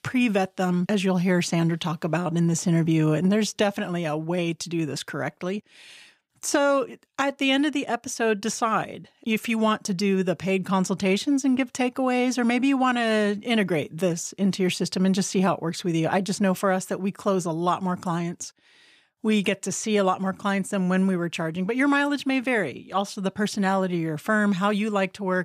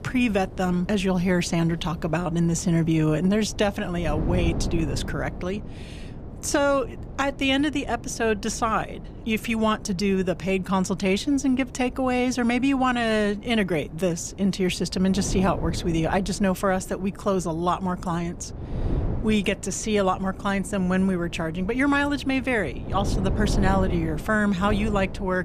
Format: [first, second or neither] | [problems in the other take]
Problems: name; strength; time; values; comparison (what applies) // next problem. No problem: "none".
first | wind noise on the microphone; occasional gusts; 15 dB below the speech